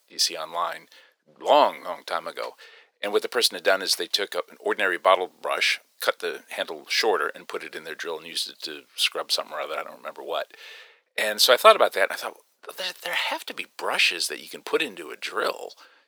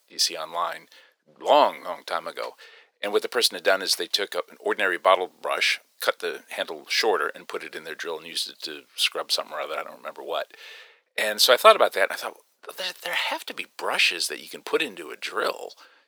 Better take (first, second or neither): neither